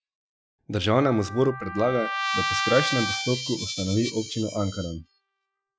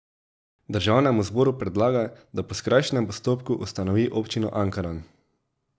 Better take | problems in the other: second | noise reduction (classical method Wiener filter)

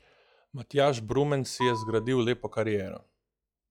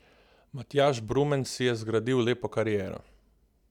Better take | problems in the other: second | noise reduction (classical method log-MMSE)

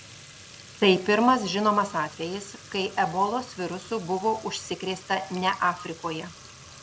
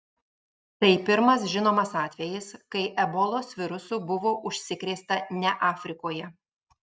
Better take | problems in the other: second | background sound (Fill (with liquid) / Trickle, dribble / Sink (filling or washing)); 19 dB below the speech

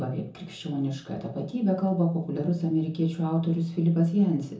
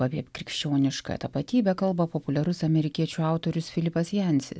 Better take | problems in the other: second | room echo; dies away in 0.6 s

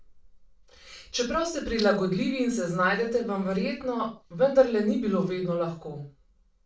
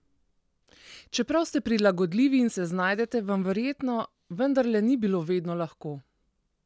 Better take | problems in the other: second | room echo; dies away in 0.3 s

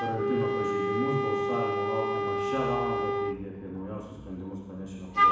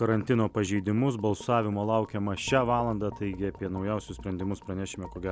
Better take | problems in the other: second | background sound (Wind instrument, woodwind instrument); 5 dB above the speech // room echo; dies away in 1.1 s

